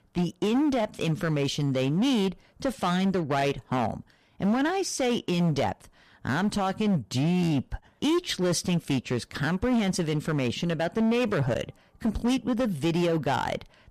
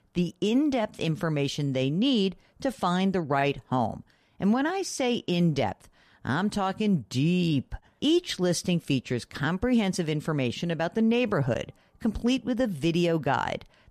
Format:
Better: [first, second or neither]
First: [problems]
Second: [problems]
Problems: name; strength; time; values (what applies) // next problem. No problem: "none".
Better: second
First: distortion; slight; 14% of the sound clipped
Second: none